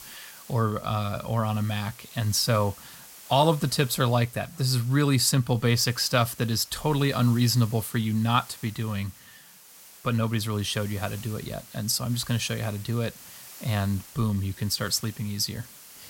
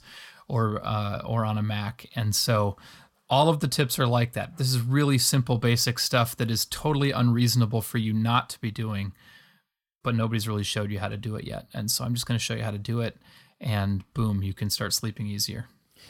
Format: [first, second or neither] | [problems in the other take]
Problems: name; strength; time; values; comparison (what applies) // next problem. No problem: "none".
second | hiss; noticeable; throughout; 20 dB below the speech